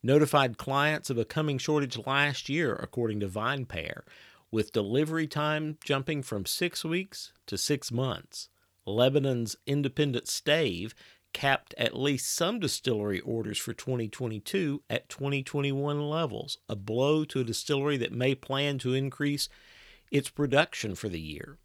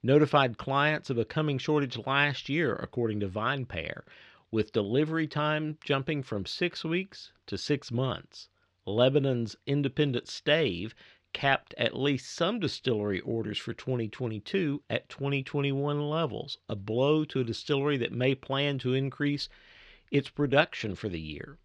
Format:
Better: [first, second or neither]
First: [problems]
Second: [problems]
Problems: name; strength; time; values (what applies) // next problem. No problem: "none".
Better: first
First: none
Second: muffled; very slightly; fading above 4 kHz